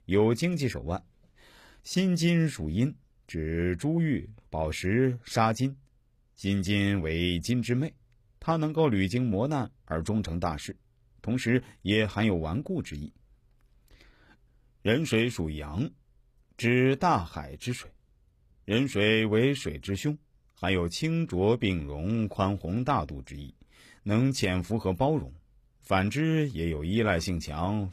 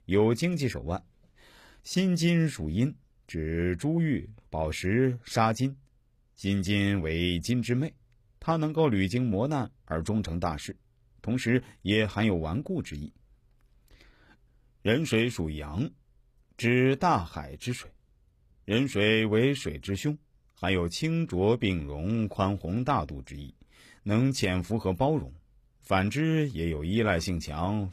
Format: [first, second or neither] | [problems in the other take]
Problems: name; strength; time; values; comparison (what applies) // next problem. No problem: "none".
neither | none